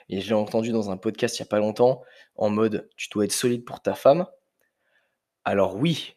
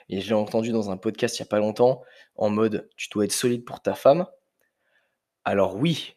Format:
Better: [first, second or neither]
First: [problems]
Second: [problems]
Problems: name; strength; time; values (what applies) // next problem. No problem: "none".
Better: neither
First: none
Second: none